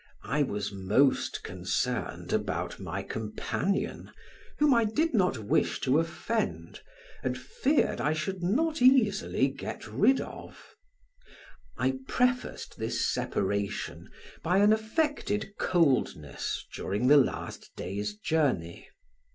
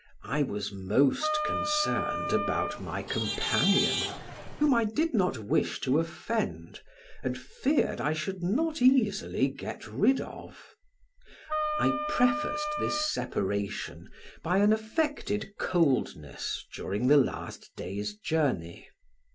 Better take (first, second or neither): first